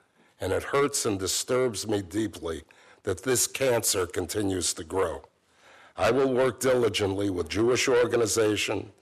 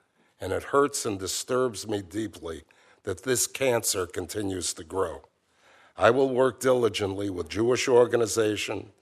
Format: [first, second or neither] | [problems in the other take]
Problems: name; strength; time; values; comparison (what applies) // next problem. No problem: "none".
second | distortion; heavy; 8 dB below the speech